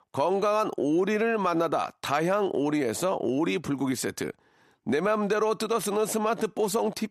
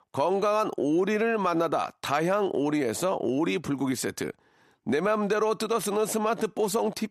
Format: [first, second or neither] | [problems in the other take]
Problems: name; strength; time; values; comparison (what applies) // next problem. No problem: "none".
neither | none